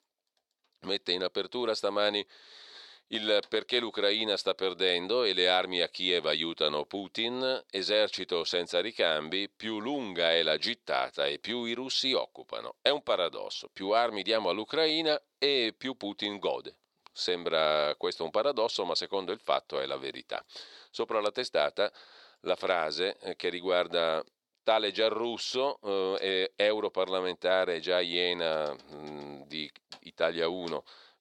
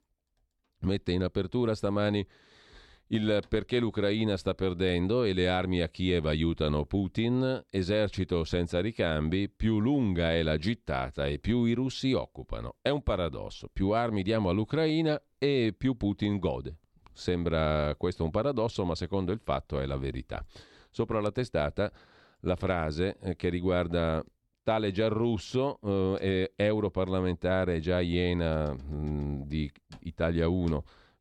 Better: second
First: thin; very; fading below 550 Hz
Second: none

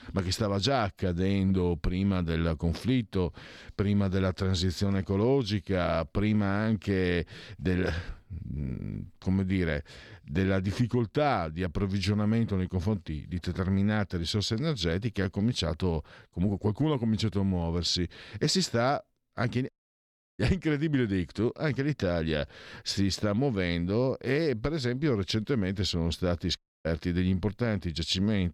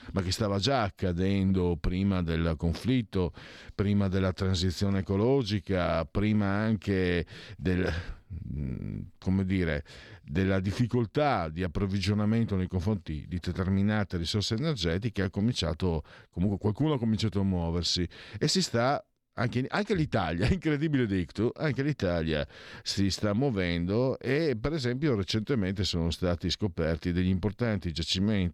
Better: second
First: audio cutting out; at 20 s for 0.5 s and at 27 s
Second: none

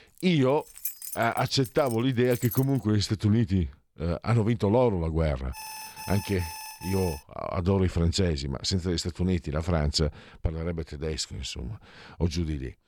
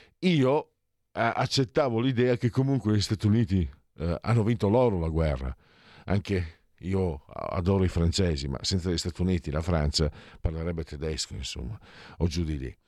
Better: second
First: jangling keys; noticeable; until 2.5 s; peak 5 dB below the speech // alarm; faint; from 5.5 to 7 s; peak 10 dB below the speech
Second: none

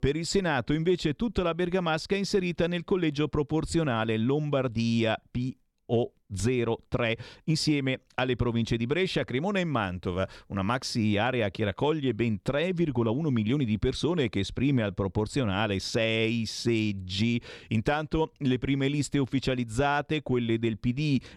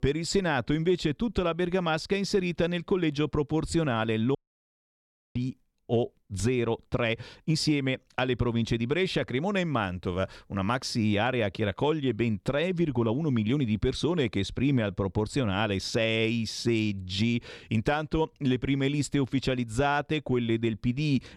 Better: first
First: none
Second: audio cutting out; at 4.5 s for 1 s

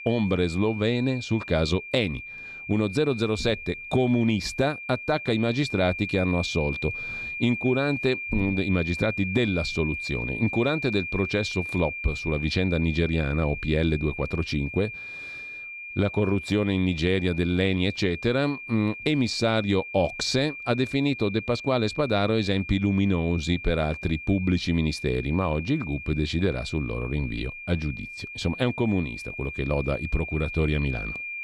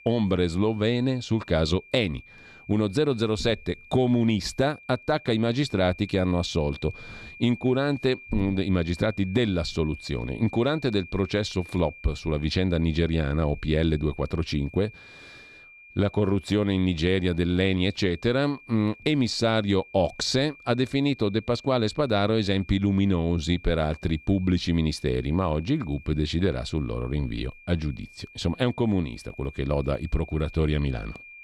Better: second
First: high-pitched whine; loud; throughout; 2.5 kHz, 8 dB below the speech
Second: high-pitched whine; faint; throughout; 2.5 kHz, 20 dB below the speech

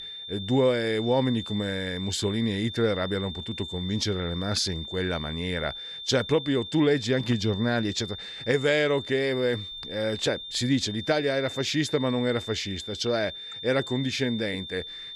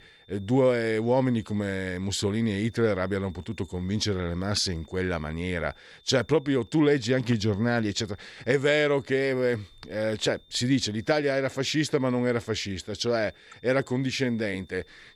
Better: second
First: high-pitched whine; loud; throughout; 3.5 kHz, 9 dB below the speech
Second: high-pitched whine; faint; throughout; 3.5 kHz, 30 dB below the speech

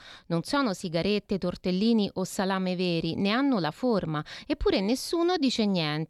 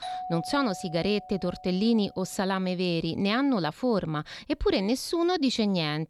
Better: first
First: none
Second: doorbell; noticeable; until 2 s; peak 8 dB below the speech

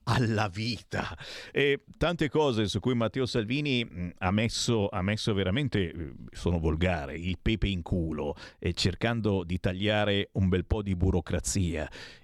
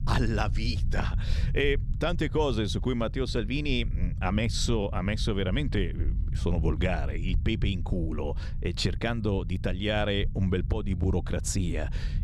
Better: first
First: none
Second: low rumble; noticeable; throughout; 15 dB below the speech

